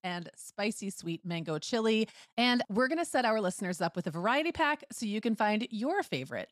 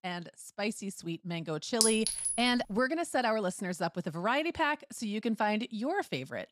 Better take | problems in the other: first | clattering dishes; loud; at 2 s; peak 5 dB above the speech

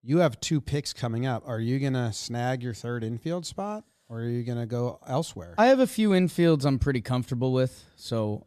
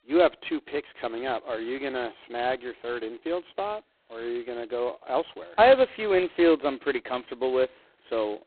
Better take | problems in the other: first | phone-call audio; poor line; nothing above 4 kHz

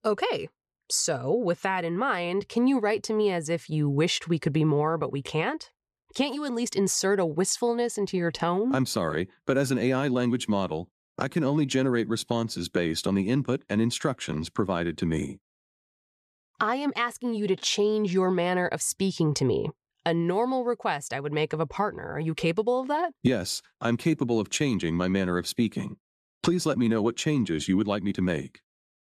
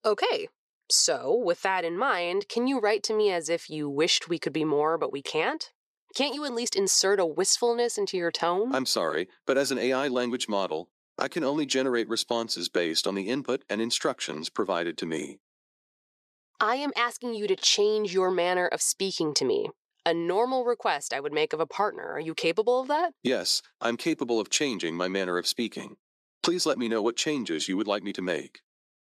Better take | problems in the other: first | thin; somewhat; fading below 400 Hz

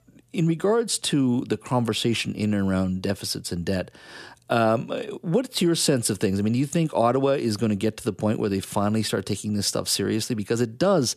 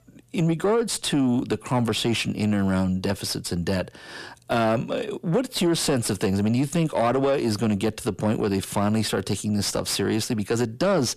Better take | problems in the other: first | distortion; slight; 10 dB below the speech

